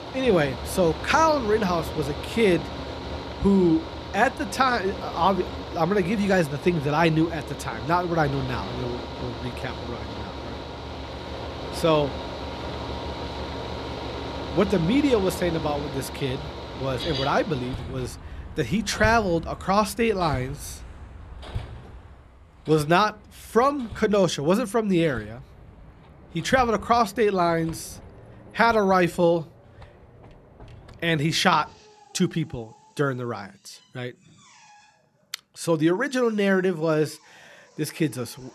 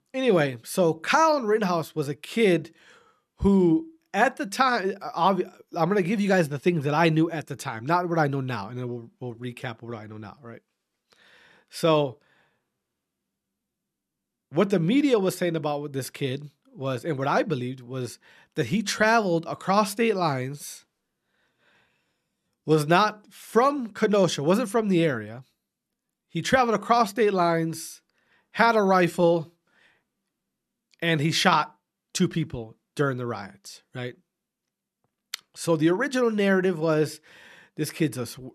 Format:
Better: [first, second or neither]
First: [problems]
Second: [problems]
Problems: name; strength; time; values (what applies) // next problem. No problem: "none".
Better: second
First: machinery noise; noticeable; throughout; 10 dB below the speech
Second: none